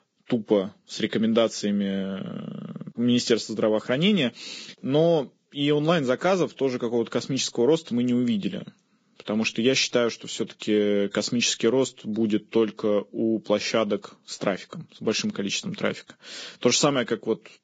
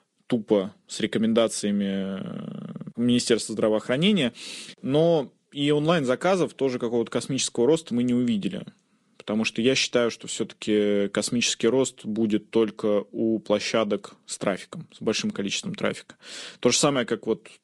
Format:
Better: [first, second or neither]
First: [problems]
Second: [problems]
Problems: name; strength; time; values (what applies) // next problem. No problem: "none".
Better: second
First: garbled, watery; badly; nothing above 7.5 kHz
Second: garbled, watery; slightly